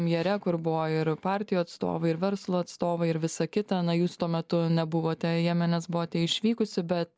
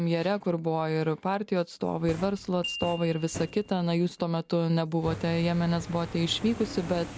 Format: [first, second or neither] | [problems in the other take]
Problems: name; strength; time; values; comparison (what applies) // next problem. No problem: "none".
first | background sound (Glockenspiel + Fire); 14 dB below the speech